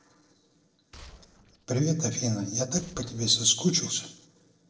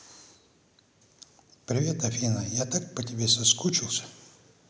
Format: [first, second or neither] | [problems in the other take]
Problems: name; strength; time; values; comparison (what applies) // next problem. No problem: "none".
second | noise reduction (neural separator model SepFormer DNS4)